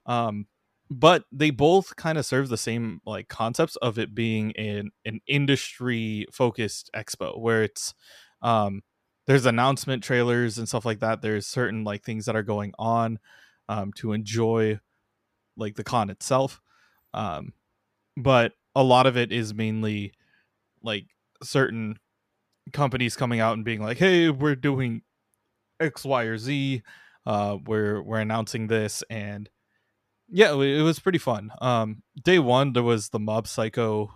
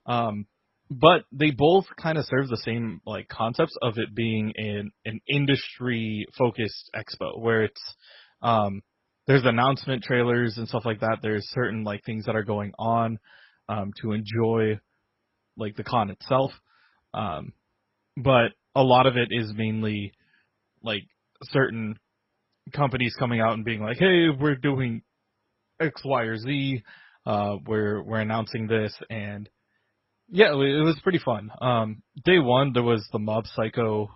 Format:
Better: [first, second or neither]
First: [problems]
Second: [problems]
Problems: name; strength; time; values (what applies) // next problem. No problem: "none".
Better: first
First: none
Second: garbled, watery; badly; nothing above 5.5 kHz